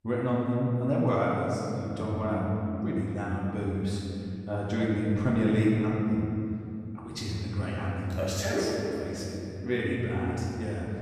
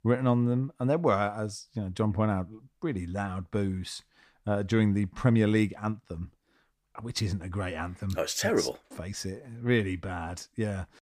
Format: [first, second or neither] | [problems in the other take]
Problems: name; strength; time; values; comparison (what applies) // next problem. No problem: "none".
second | room echo; strong; dies away in 2.8 s // off-mic speech; far